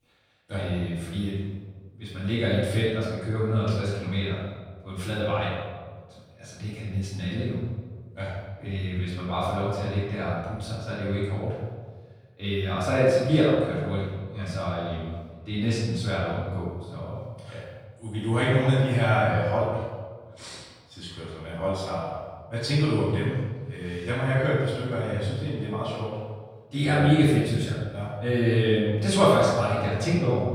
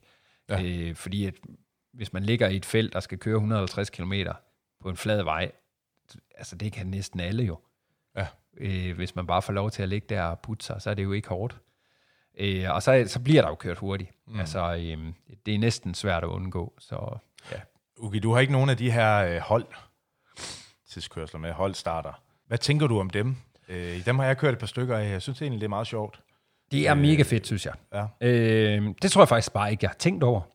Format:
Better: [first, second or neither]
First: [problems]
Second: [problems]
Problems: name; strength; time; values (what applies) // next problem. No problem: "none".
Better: second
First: room echo; strong; dies away in 1.2 s // off-mic speech; far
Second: none